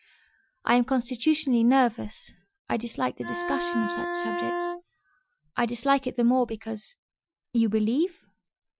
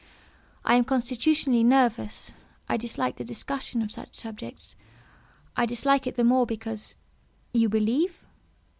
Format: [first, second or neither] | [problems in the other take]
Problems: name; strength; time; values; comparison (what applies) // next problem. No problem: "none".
second | noise reduction (classical method Wiener filter)